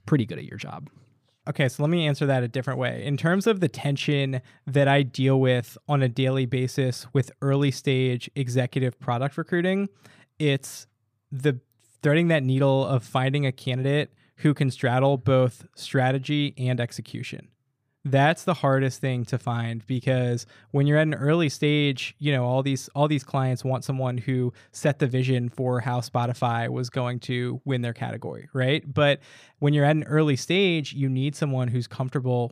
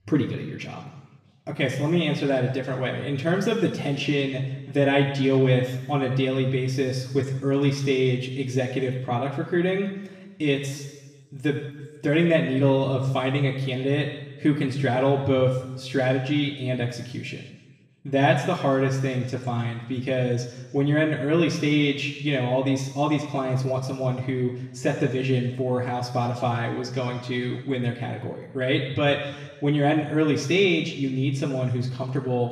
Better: first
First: none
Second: room echo; noticeable; dies away in 1.1 s // off-mic speech; far

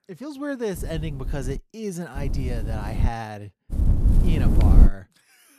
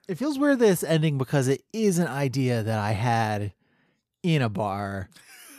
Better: second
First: wind noise on the microphone; heavy; at 1 s, at 2 s and from 3.5 to 5 s; 2 dB below the speech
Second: none

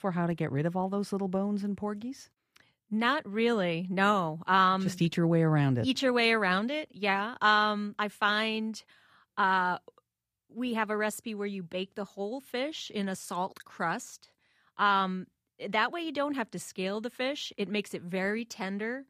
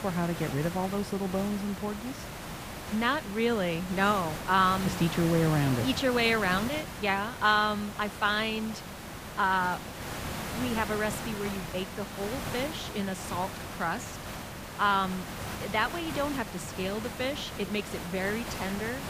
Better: first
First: none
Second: hiss; loud; throughout; 8 dB below the speech

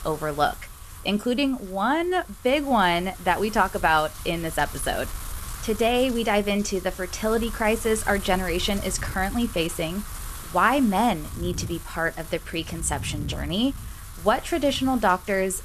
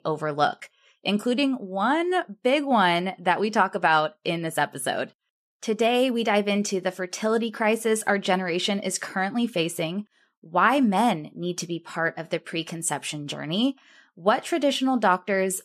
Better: second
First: wind noise on the microphone; occasional gusts; 15 dB below the speech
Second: none

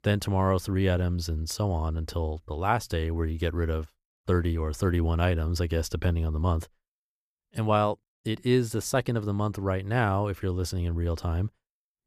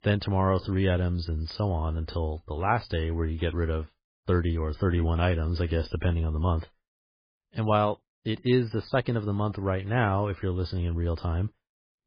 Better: first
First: none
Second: garbled, watery; badly; nothing above 5 kHz

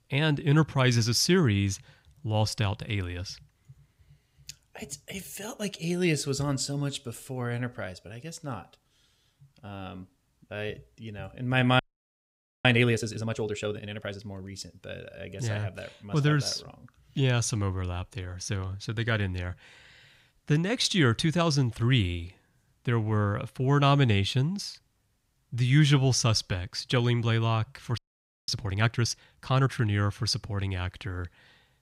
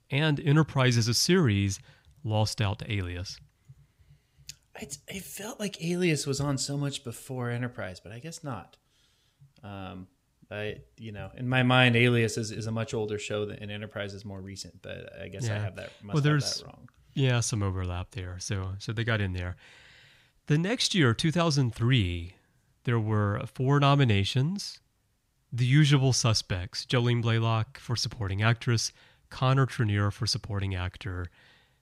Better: second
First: audio freezing; at 12 s for 1 s and at 28 s for 0.5 s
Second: none

